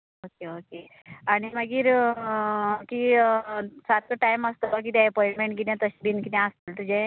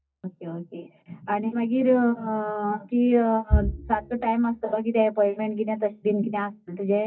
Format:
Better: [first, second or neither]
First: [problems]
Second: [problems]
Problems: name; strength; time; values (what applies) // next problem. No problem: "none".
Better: first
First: none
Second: noise reduction (classical method WPE with log-MMSE)